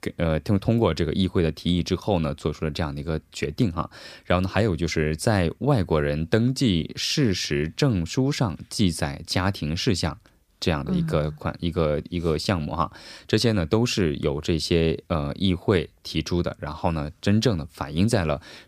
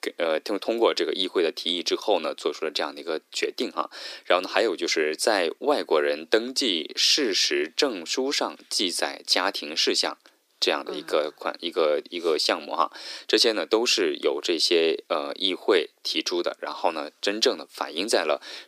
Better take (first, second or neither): first